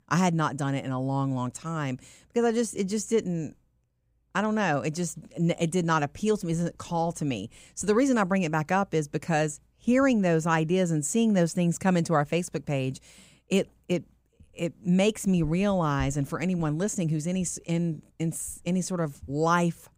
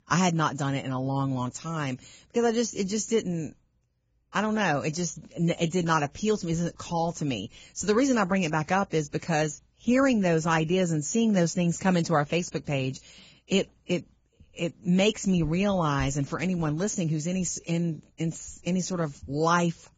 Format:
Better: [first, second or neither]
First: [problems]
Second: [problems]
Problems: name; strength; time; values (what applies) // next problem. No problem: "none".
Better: first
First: none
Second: garbled, watery; badly; nothing above 7.5 kHz